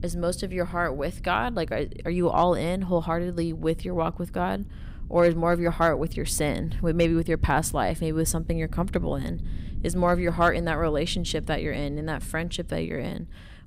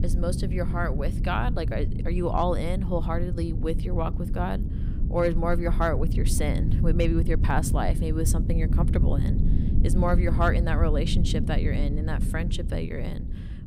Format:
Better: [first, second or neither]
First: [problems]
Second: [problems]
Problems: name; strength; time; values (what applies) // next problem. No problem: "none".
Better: first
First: low rumble; faint; throughout; 25 dB below the speech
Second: low rumble; loud; throughout; 9 dB below the speech